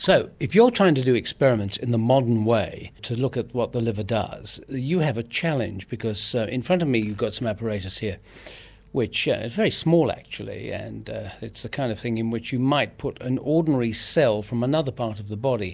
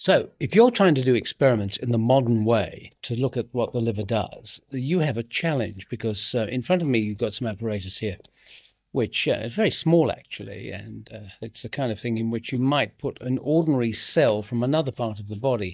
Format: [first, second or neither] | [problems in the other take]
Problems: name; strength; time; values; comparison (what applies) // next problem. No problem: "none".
first | noise reduction (neural mask model DeepFilterNet 3)